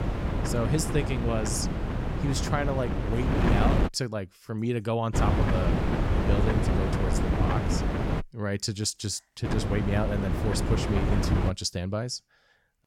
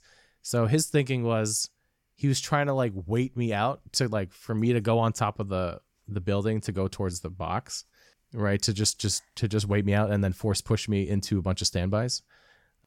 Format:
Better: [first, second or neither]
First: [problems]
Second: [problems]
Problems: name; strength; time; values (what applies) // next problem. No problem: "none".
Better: second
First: wind noise on the microphone; heavy; until 4 s, from 5 to 8 s and from 9.5 to 12 s; as loud as the speech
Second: none